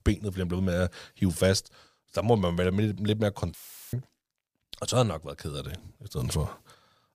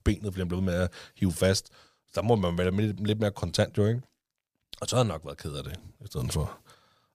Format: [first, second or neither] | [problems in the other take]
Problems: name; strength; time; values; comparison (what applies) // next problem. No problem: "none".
second | audio cutting out; filled with static; at 3.5 s